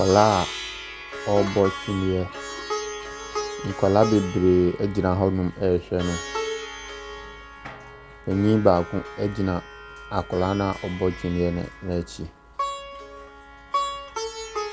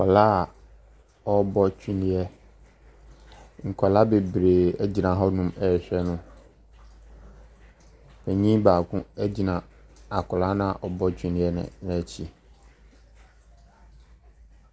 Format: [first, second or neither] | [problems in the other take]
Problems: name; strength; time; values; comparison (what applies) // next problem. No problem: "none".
second | background sound (Plucked string instrument); 9 dB below the speech